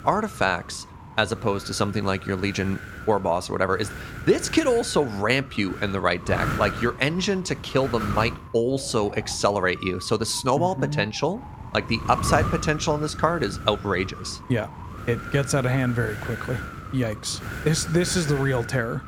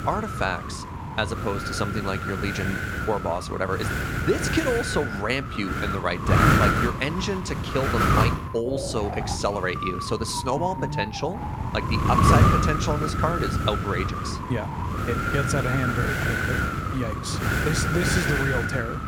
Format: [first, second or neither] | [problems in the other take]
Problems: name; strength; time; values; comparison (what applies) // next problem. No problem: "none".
first | wind noise on the microphone; heavy; 2 dB above the speech; occasional gusts in the first